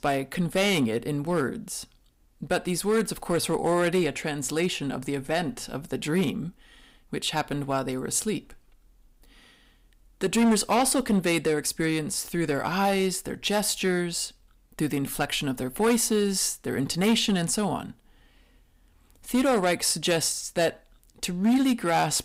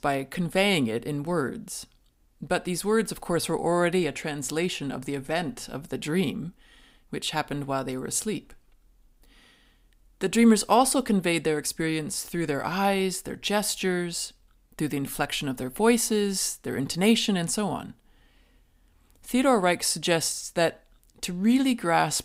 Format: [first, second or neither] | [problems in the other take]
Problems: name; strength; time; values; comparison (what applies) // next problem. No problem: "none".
second | distortion; slight; 4% of the sound clipped